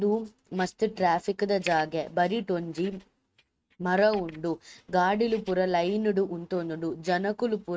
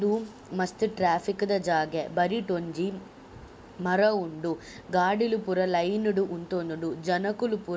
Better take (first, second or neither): second